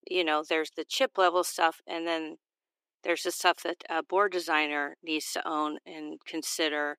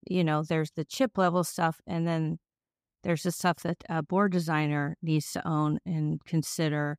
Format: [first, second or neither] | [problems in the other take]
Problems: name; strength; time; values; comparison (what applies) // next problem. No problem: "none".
second | thin; very; fading below 350 Hz